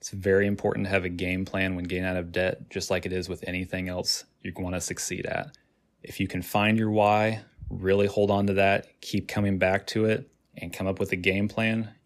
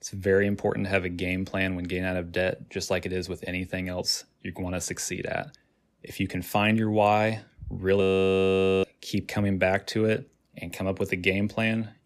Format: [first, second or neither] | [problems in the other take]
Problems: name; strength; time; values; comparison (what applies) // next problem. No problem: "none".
first | audio freezing; at 8 s for 1 s